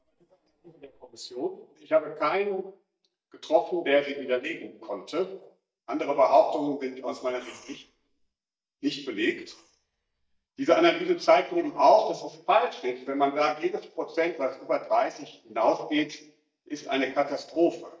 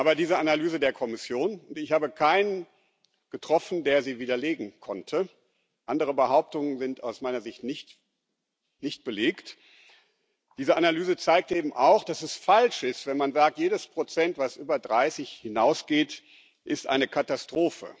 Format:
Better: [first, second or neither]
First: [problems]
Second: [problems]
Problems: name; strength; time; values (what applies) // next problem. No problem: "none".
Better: second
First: noise reduction (neural mask model DeepFilterNet 3)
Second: none